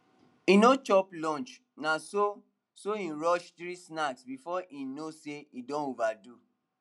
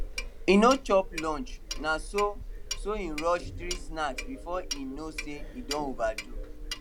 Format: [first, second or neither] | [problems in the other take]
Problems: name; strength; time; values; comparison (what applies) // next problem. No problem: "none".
first | background sound (Clock); 7 dB below the speech